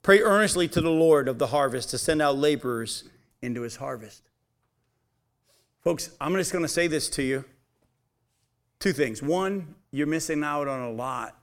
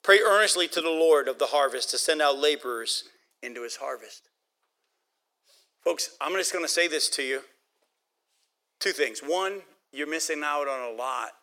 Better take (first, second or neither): first